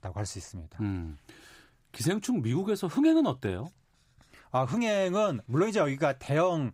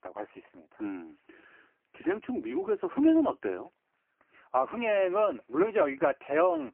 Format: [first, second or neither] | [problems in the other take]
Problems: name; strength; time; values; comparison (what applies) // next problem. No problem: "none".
first | phone-call audio; poor line; nothing above 3 kHz